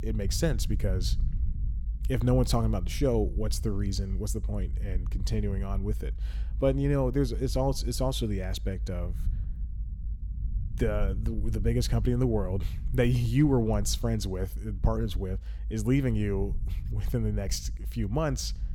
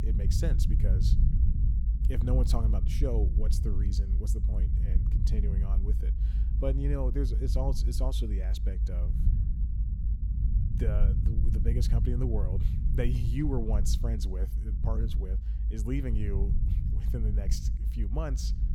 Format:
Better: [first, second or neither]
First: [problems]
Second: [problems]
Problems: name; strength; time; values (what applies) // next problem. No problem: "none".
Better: first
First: low rumble; faint; throughout; 20 dB below the speech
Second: low rumble; loud; throughout; 6 dB below the speech